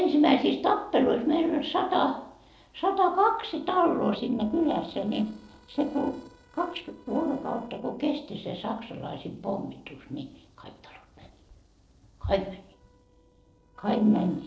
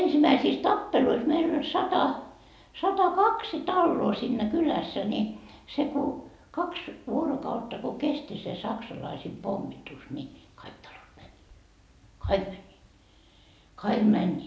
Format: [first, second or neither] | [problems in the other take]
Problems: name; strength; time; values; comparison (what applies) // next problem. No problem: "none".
second | noise reduction (neural separator model SepFormer DNS4)